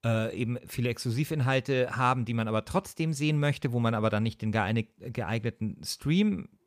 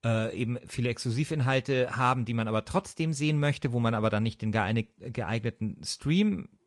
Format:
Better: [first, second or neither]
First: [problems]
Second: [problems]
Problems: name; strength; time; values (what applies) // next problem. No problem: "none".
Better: first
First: none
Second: garbled, watery; slightly; nothing above 10.5 kHz